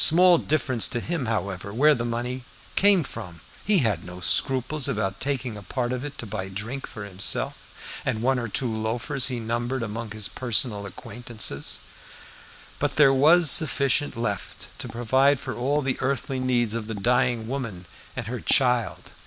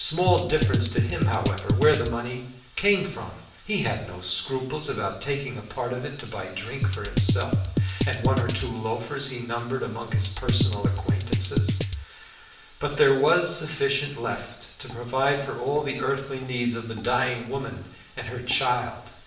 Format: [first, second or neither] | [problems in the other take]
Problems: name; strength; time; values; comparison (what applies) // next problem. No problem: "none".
first | background sound (Drum kit); 3 dB above the speech // room echo; dies away in 0.6 s